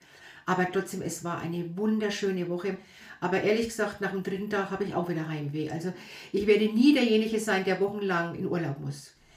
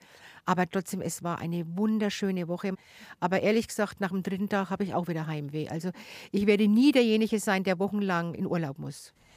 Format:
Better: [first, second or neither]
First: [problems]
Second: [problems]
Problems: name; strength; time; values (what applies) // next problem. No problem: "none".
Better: second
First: room echo; very slight; dies away in 0.3 s // off-mic speech; somewhat distant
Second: none